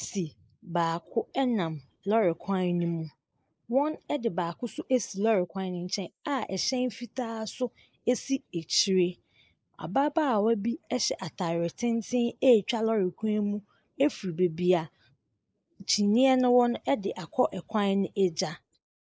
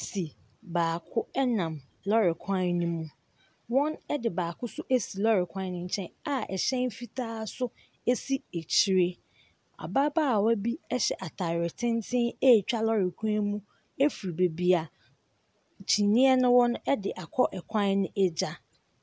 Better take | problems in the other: second | noise reduction (neural mask model Resemble Enhance denoiser)

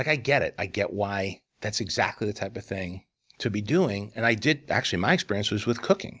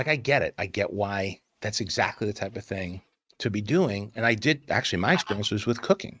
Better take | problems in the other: first | noise reduction (neural mask model RNNoise)

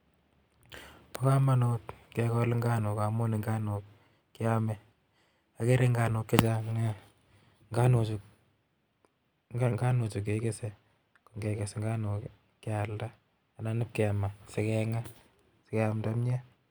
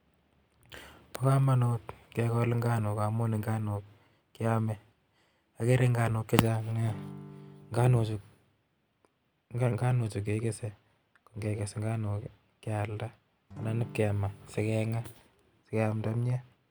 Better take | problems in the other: first | background sound (Acoustic guitar / Strum); 16 dB below the speech

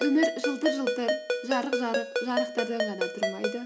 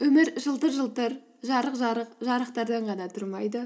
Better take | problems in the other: second | background sound (Ringtone); 1 dB above the speech

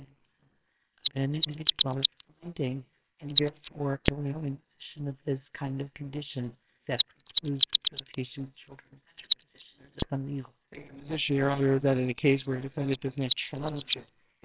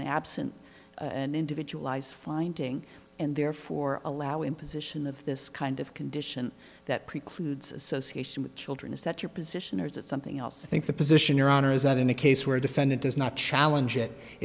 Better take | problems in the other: second | noise reduction (neural separator model SepFormer WHAMR!)

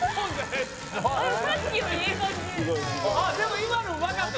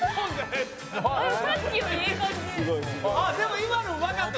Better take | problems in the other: second | background sound (Bicycle); 12 dB below the speech

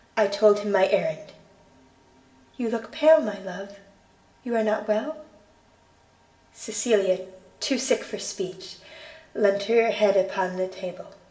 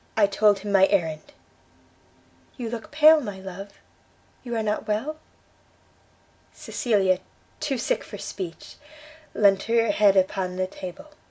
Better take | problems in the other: second | room echo; dies away in 0.6 s

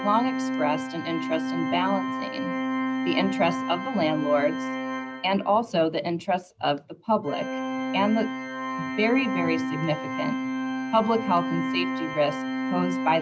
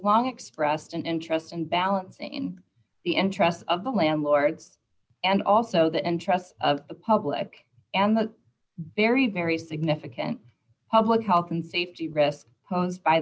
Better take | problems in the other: second | background sound (Organ); 3 dB below the speech

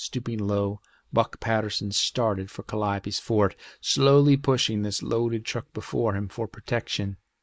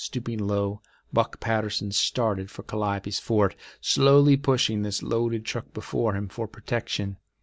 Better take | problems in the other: second | noise reduction (neural mask model Resemble Enhance denoiser)

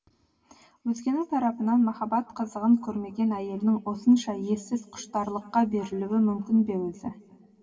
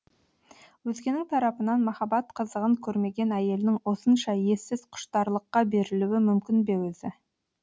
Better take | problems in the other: second | room echo; dies away in 2.5 s

